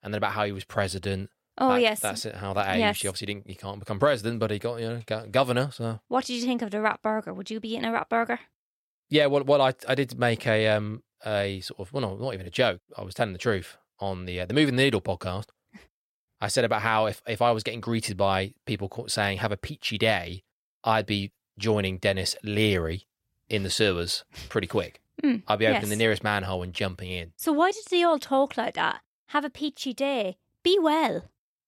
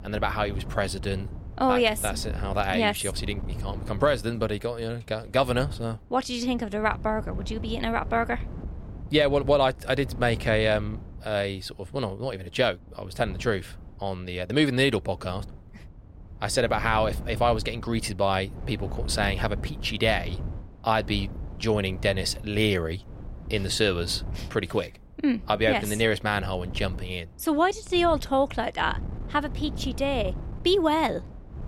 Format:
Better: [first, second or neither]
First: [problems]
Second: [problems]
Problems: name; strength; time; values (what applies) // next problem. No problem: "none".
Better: first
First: none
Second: wind noise on the microphone; occasional gusts; 20 dB below the speech